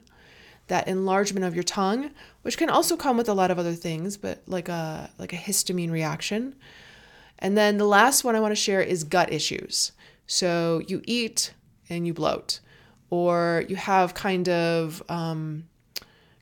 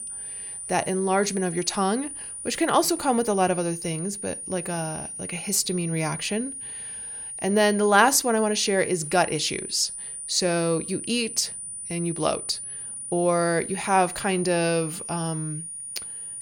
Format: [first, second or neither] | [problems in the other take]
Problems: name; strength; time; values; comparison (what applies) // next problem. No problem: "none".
first | high-pitched whine; loud; throughout; 9.5 kHz, 8 dB below the speech